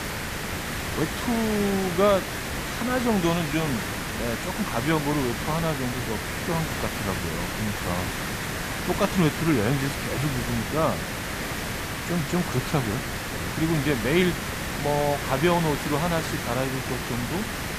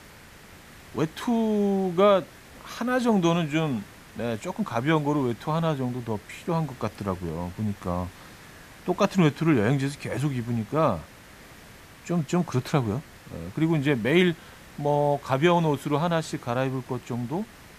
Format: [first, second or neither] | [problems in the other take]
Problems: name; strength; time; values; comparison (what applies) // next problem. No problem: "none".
second | hiss; loud; throughout; 3 dB below the speech; faint in the second